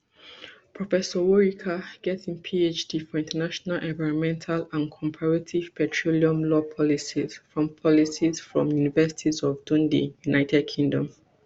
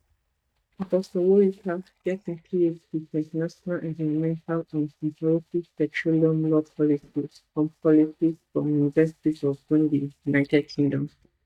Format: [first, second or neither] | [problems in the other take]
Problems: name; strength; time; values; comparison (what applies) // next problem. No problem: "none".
first | noise reduction (neural mask model DeepFilterNet 3)